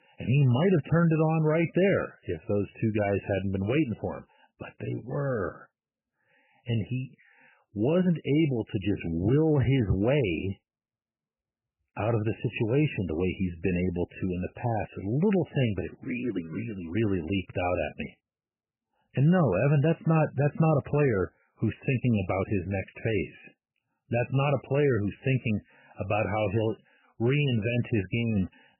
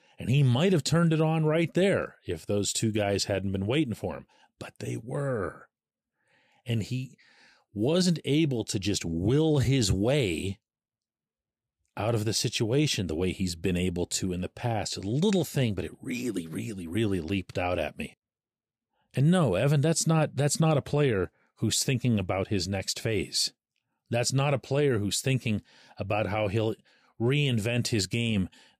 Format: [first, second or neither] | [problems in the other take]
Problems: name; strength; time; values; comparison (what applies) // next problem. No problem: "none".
second | garbled, watery; badly; nothing above 3 kHz